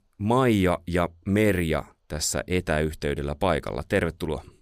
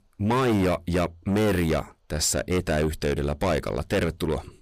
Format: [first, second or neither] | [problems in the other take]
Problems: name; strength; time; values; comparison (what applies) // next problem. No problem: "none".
first | distortion; heavy; 7 dB below the speech